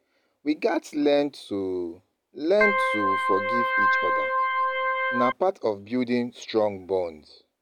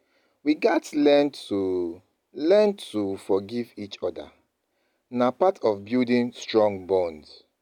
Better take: second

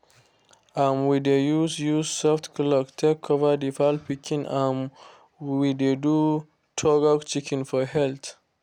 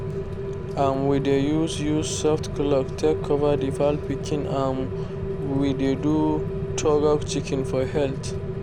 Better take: first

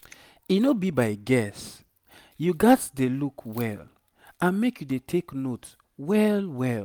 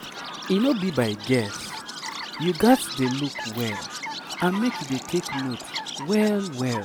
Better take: first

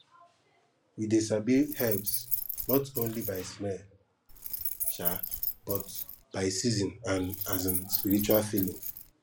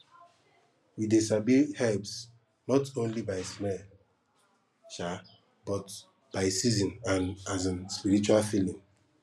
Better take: second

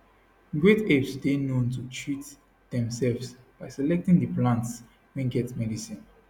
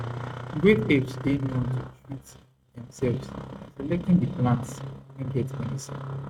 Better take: first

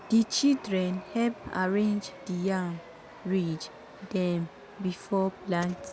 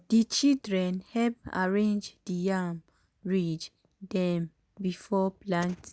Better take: second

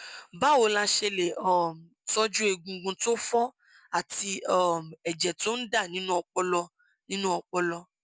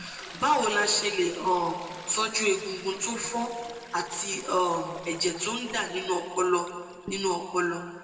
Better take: first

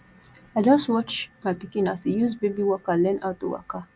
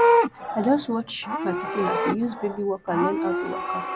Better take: first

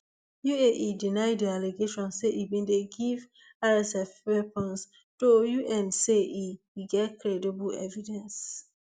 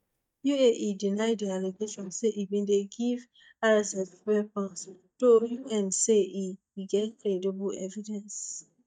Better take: first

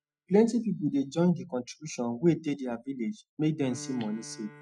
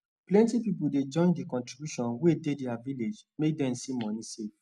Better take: second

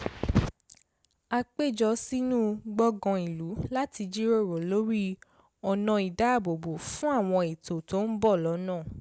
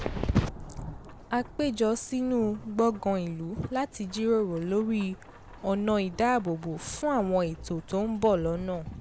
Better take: first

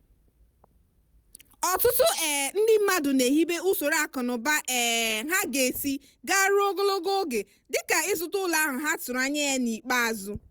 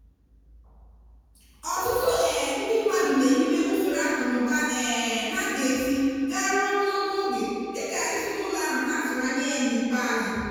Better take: first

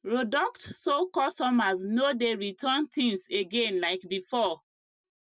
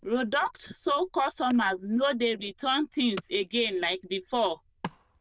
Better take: first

